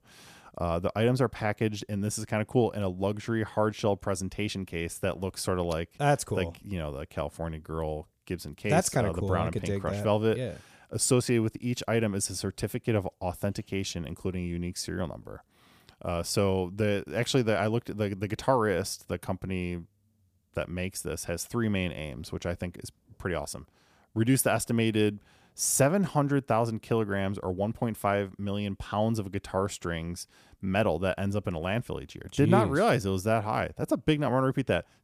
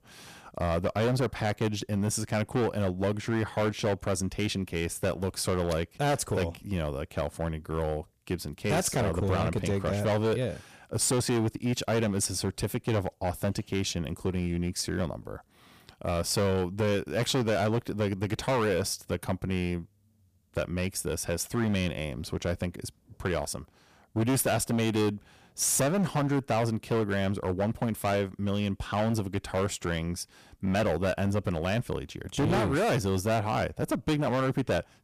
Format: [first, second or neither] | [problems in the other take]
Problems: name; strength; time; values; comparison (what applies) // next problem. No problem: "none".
first | distortion; heavy; 12% of the sound clipped